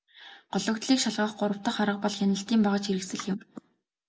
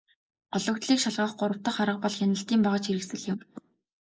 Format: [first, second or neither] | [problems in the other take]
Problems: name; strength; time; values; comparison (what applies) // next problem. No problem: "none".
first | noise reduction (neural mask model Resemble Enhance denoiser)